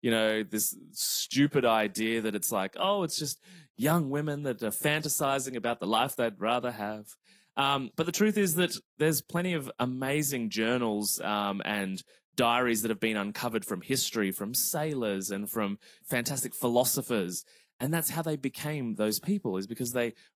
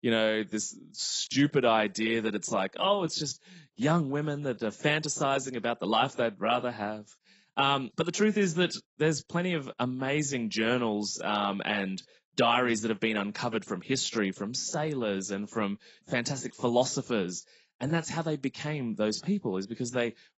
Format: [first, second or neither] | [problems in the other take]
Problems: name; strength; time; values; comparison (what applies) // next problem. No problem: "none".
first | garbled, watery; badly; nothing above 8 kHz; slightly in the first